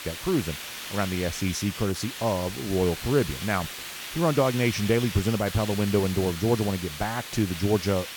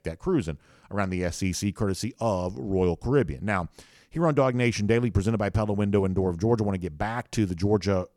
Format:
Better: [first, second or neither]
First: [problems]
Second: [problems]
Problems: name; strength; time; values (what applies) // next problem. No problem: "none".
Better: second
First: hiss; loud; throughout; 9 dB below the speech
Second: none